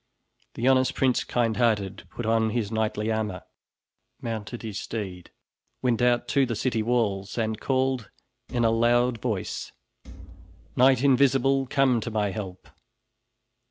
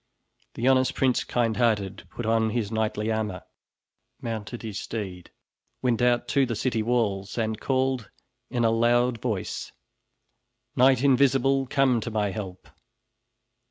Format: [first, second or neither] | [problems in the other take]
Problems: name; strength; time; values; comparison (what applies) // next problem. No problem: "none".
second | background sound (Thump, thud); 17 dB below the speech